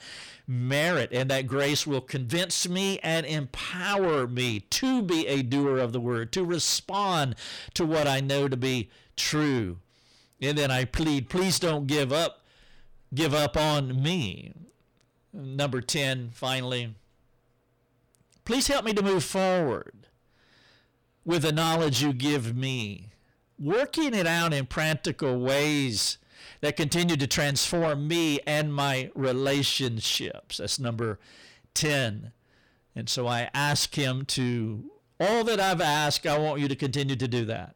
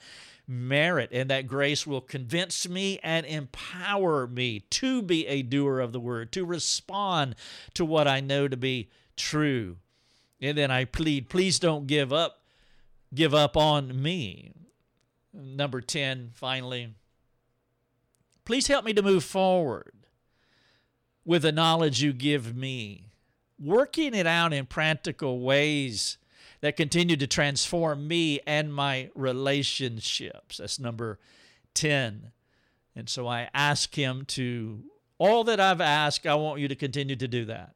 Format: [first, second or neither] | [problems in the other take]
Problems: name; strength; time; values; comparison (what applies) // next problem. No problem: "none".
second | distortion; heavy; 6 dB below the speech